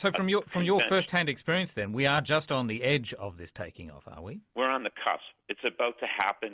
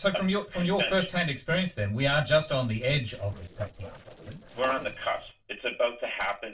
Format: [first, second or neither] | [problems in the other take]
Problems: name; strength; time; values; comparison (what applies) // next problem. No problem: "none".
first | noise reduction (neural separator model SepFormer DNS4)